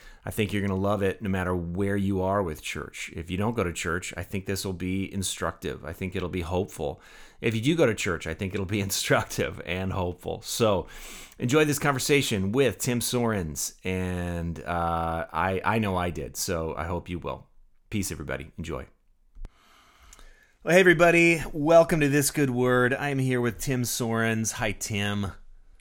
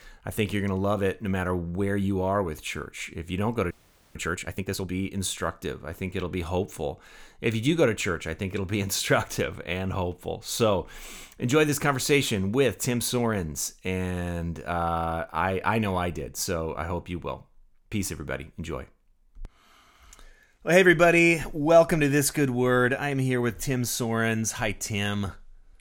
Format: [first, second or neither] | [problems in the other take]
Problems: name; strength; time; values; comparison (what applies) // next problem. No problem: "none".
first | audio freezing; at 3.5 s